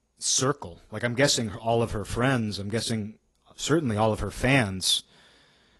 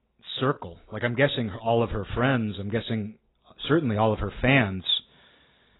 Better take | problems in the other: first | garbled, watery; badly; nothing above 4 kHz; slightly in the first

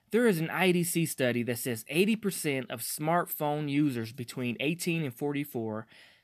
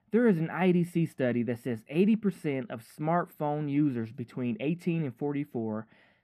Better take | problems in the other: first | muffled; very; fading above 3 kHz

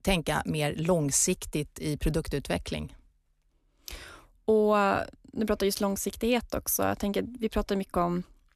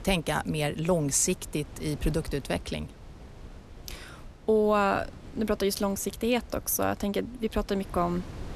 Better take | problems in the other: first | wind noise on the microphone; occasional gusts; 25 dB below the speech

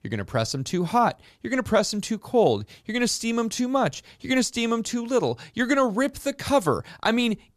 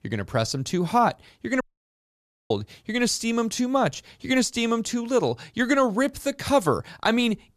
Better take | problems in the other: first | audio cutting out; at 1.5 s for 1 s

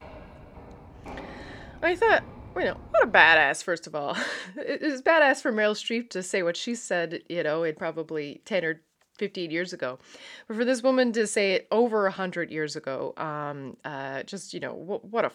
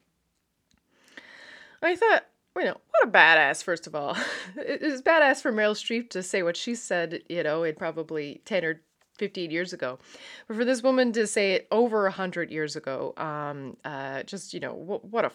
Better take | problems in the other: second | footsteps; faint; until 3.5 s; peak 15 dB below the speech

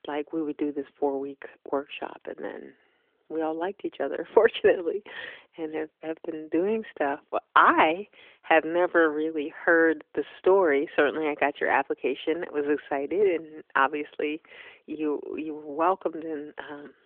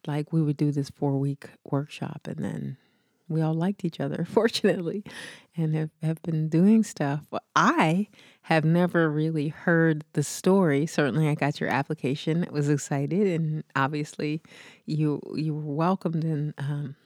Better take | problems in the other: second | phone-call audio

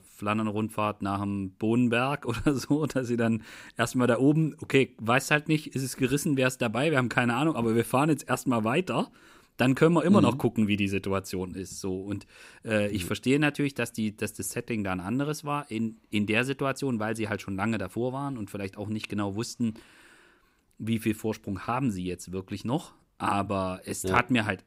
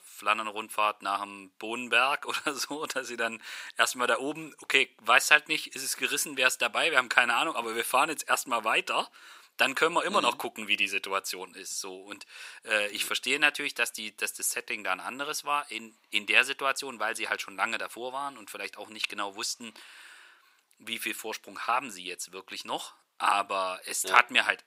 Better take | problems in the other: first | thin; very; fading below 850 Hz

